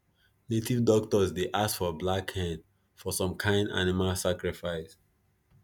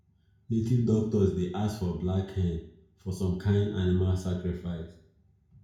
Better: first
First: none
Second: room echo; dies away in 0.6 s

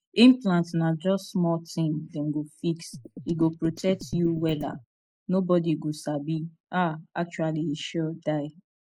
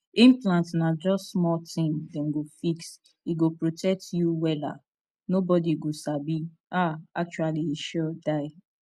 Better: second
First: noise reduction (neural mask model Resemble Enhance denoiser)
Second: none

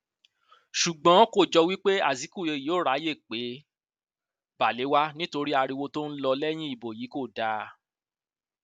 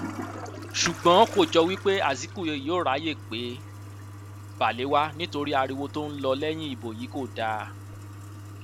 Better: first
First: none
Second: background sound (Toilet flush); 12 dB below the speech

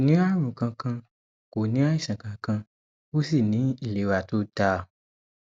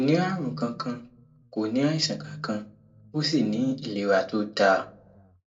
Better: first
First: none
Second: room echo; dies away in 0.2 s

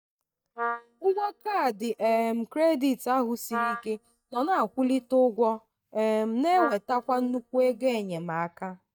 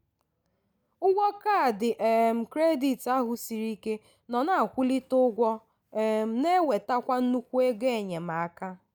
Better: second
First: noise reduction (neural mask model DeepFilterNet 3)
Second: none

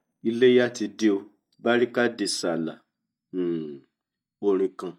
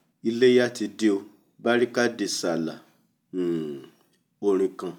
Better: second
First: noise reduction (neural mask model DeepFilterNet 3)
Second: none

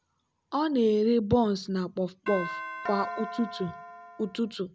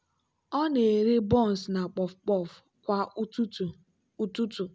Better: second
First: background sound (Doorbell); 9 dB below the speech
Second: none

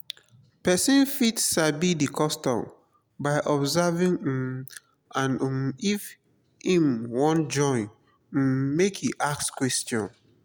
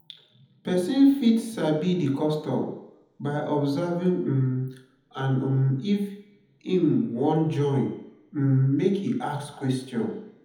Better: first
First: none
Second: room echo; dies away in 1 s

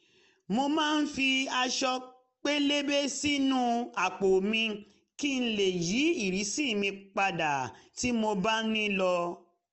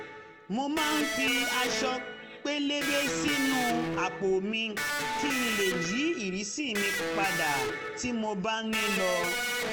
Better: first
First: none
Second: background sound (Electric guitar); 1 dB below the speech

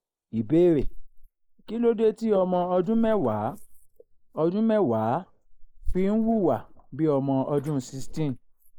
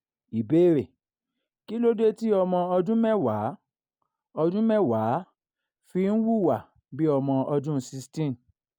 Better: second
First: noise reduction (neural mask model Resemble Enhance denoiser)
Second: none

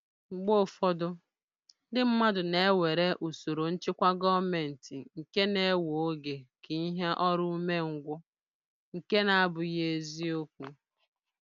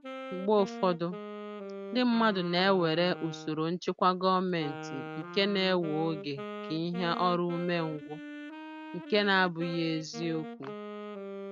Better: first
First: none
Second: noise reduction (neural mask model RNNoise)

